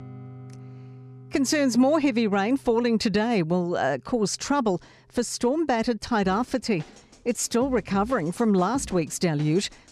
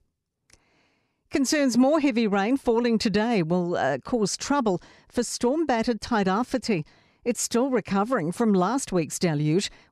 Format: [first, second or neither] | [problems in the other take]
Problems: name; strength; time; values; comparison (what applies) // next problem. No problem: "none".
second | background music; faint; throughout; 20 dB below the speech